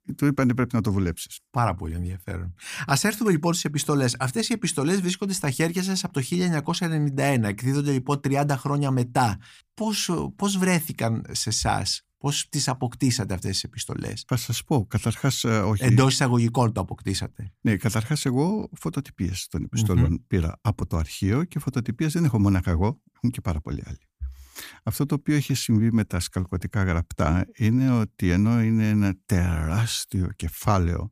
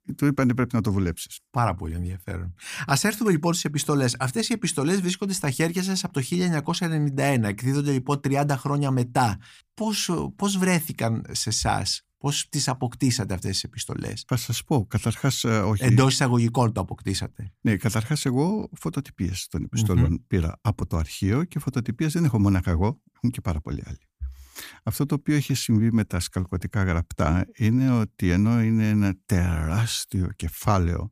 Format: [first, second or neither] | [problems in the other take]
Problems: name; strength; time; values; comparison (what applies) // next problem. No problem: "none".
neither | none